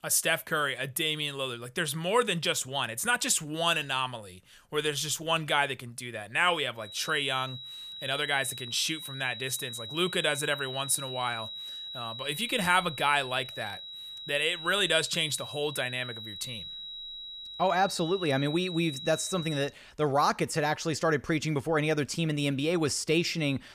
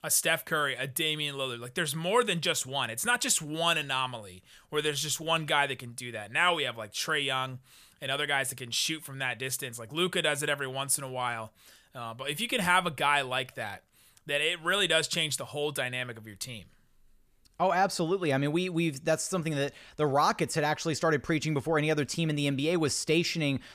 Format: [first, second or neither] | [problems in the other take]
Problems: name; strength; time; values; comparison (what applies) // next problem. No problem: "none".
second | high-pitched whine; loud; from 7 to 20 s; 4 kHz, 10 dB below the speech